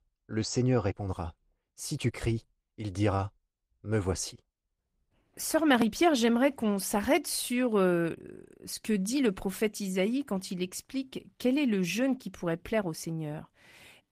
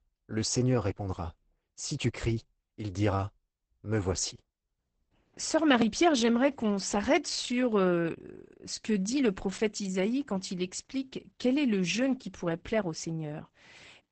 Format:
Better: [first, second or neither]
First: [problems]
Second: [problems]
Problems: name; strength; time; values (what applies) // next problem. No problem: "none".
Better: first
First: garbled, watery; slightly; nothing above 15 kHz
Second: garbled, watery; badly; nothing above 8 kHz